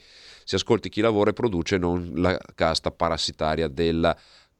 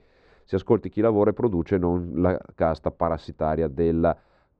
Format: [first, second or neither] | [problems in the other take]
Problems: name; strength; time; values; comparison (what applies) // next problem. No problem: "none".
first | muffled; very; fading above 2.5 kHz